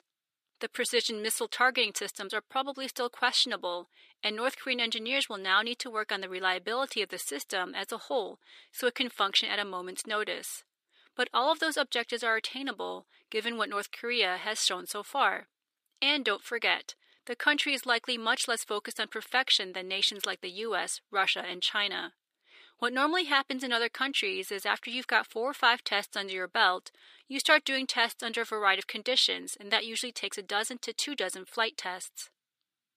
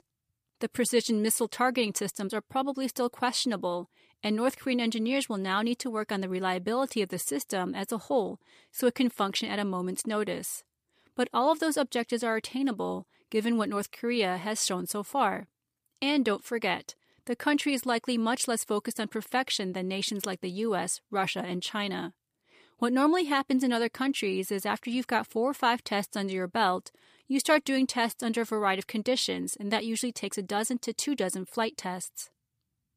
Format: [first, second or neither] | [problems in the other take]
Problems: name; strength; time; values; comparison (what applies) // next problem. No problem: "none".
second | thin; somewhat; fading below 400 Hz